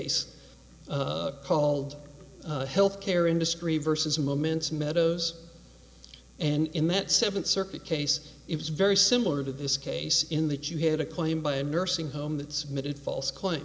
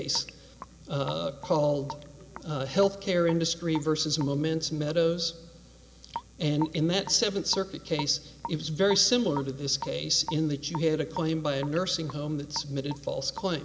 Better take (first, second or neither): first